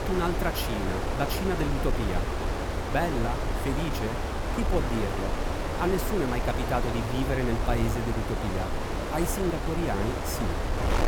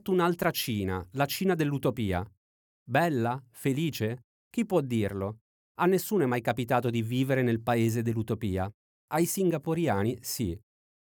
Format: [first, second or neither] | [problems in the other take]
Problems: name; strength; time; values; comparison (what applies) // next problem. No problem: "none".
second | wind noise on the microphone; heavy; as loud as the speech